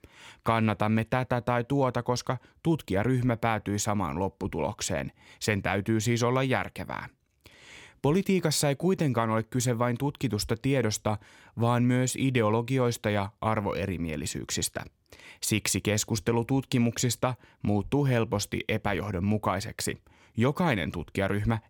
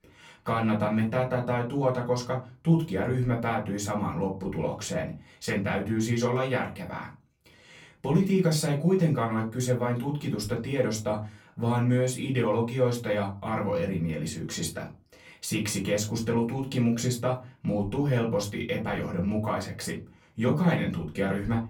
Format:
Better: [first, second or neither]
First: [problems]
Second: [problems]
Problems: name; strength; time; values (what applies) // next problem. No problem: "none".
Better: first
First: none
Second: off-mic speech; far // room echo; very slight; dies away in 0.2 s